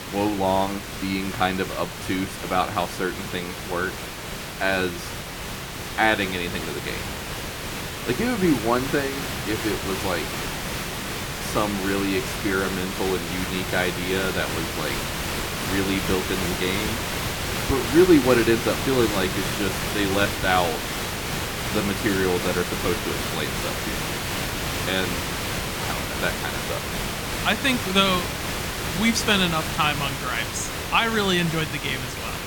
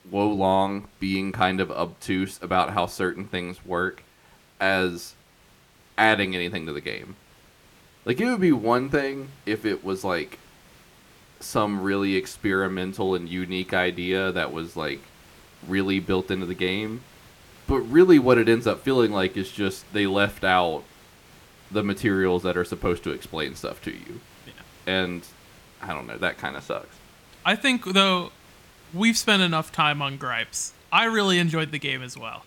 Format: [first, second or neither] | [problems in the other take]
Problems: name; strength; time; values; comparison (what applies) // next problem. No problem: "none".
second | hiss; loud; throughout; 3 dB below the speech; faint in the second